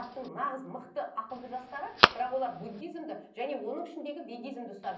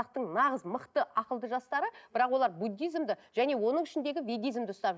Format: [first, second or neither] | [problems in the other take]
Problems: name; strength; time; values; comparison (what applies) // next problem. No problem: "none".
second | background sound (Telephone); 2 dB above the speech // room echo; dies away in 0.6 s